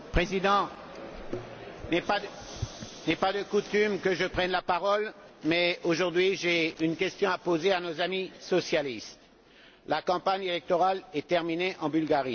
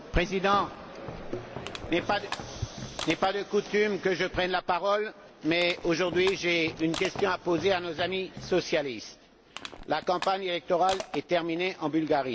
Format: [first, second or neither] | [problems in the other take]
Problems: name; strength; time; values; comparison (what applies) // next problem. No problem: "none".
first | background sound (Crushing + Walk, footsteps); 14 dB below the speech